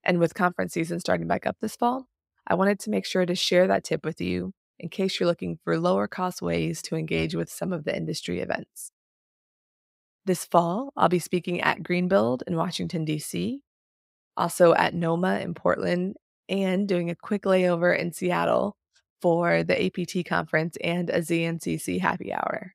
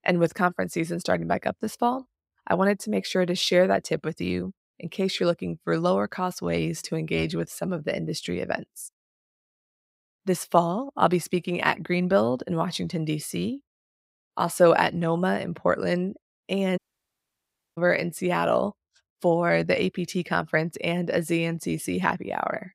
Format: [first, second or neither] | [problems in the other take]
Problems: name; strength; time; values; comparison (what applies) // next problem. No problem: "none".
first | audio cutting out; at 17 s for 1 s